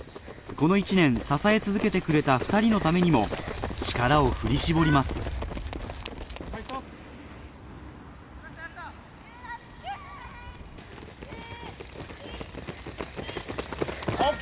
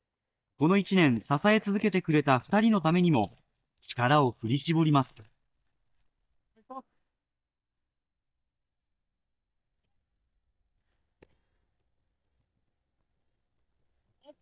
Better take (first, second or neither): first